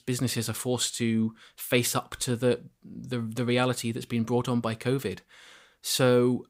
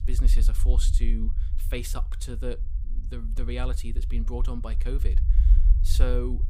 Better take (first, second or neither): first